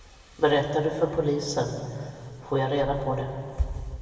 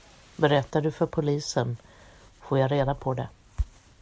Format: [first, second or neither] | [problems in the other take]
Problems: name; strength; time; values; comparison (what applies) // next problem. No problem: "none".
second | room echo; dies away in 2.1 s